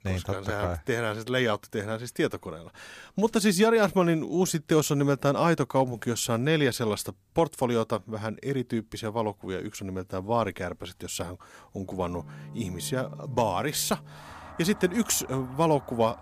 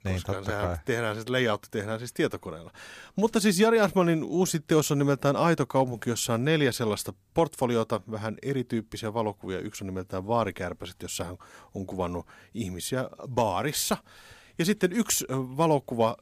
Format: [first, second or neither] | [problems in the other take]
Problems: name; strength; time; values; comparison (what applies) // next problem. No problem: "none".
second | background music; noticeable; from 12 s on; 20 dB below the speech